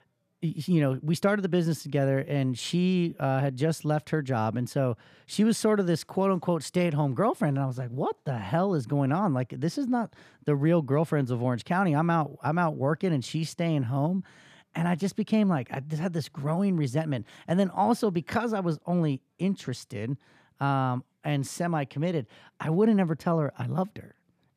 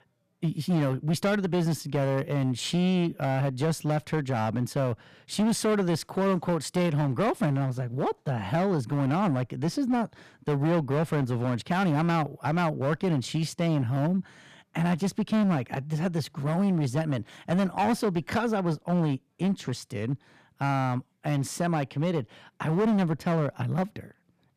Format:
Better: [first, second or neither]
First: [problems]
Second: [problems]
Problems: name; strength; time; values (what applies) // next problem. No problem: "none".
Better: first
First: none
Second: distortion; slight; 11% of the sound clipped